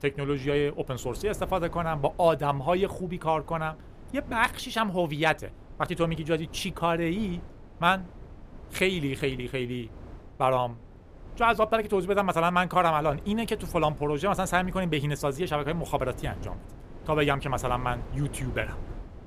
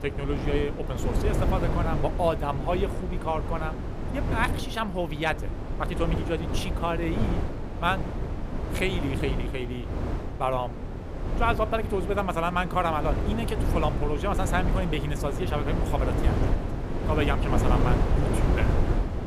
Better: first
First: wind noise on the microphone; occasional gusts; 25 dB below the speech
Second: wind noise on the microphone; heavy; 6 dB below the speech

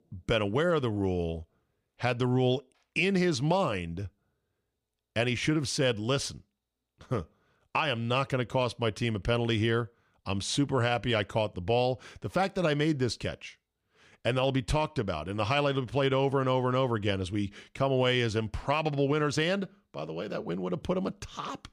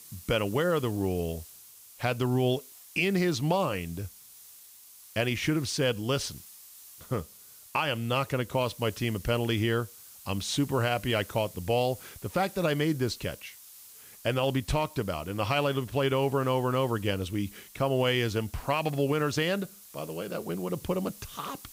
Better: first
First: none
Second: hiss; noticeable; throughout; 20 dB below the speech

